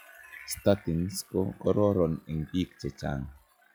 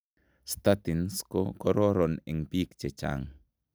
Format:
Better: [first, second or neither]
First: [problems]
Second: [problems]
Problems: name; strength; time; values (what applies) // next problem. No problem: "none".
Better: second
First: noise reduction (classical method log-MMSE)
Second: none